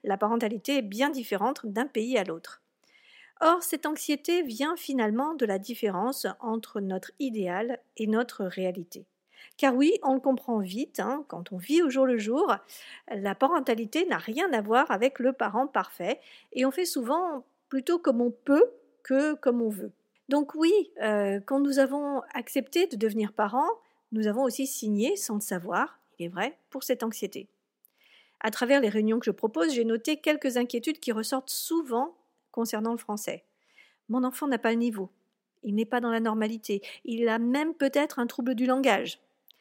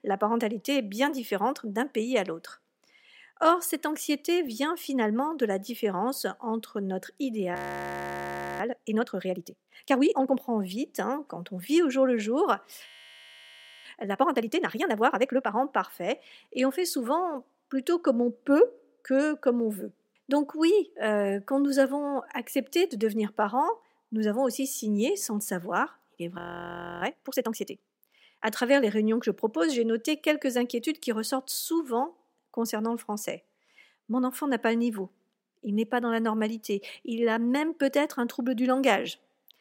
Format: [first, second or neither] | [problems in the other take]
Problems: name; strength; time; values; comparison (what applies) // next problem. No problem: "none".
first | audio freezing; at 7.5 s for 1 s, at 13 s for 1 s and at 26 s for 0.5 s